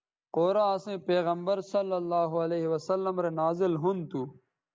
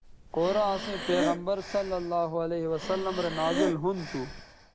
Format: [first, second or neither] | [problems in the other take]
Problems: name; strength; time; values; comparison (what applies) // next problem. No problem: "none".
first | background sound (Breathing); 6 dB below the speech